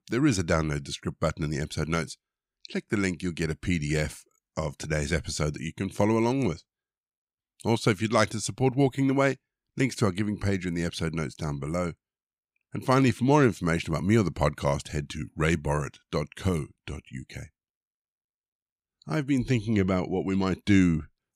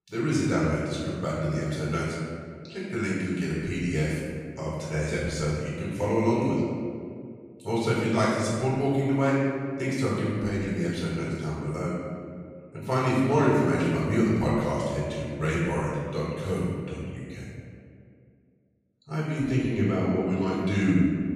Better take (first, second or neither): first